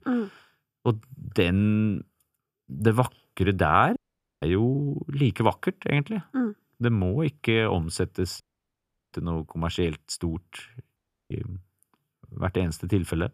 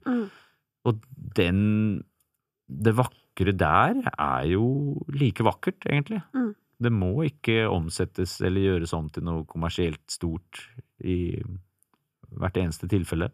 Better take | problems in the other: second | audio cutting out; at 4 s, at 8.5 s for 0.5 s and at 11 s

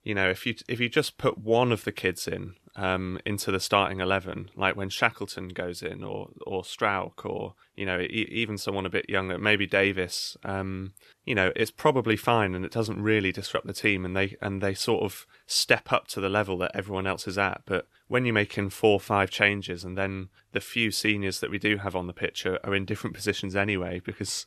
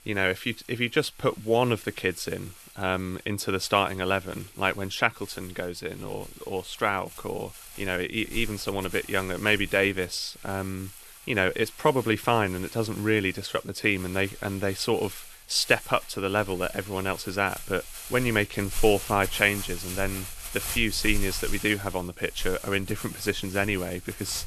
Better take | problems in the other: first | household noises; noticeable; throughout; 15 dB below the speech

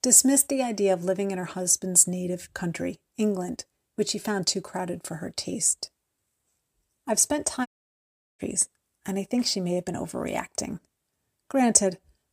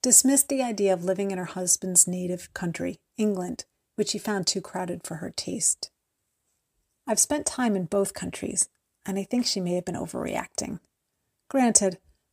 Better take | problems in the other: second | audio cutting out; at 7.5 s for 0.5 s

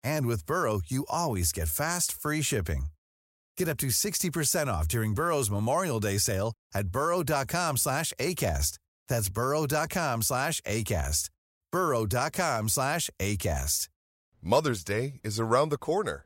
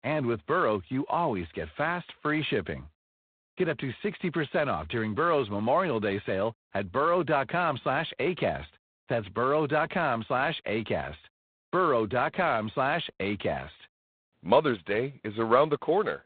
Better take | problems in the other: first | phone-call audio; poor line; nothing above 4 kHz

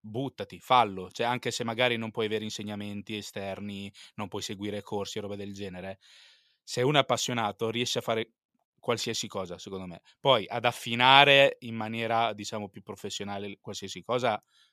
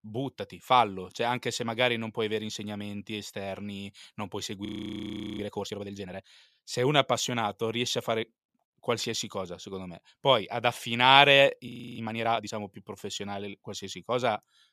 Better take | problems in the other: first | audio freezing; at 4.5 s for 0.5 s and at 12 s

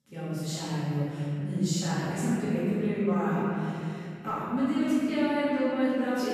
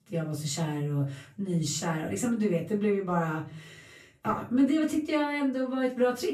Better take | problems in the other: second | room echo; strong; dies away in 3 s; slight in the second // off-mic speech; far; far in the second

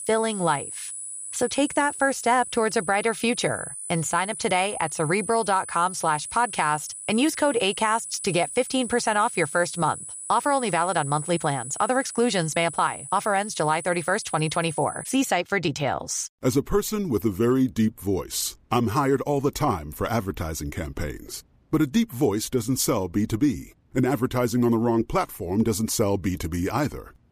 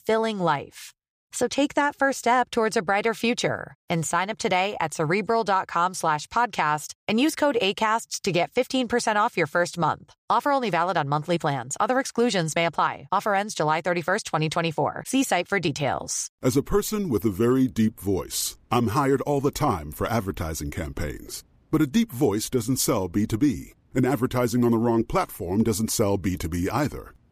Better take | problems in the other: second | high-pitched whine; loud; until 15 s; 10 kHz, 9 dB below the speech

